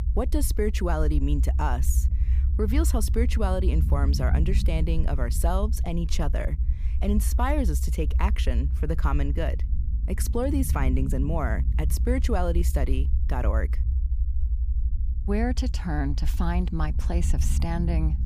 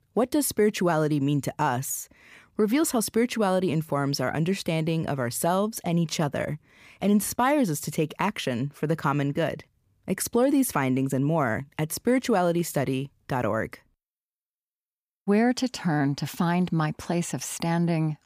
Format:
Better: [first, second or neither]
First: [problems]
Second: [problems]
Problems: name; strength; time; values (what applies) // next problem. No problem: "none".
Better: second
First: low rumble; noticeable; throughout; 15 dB below the speech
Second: none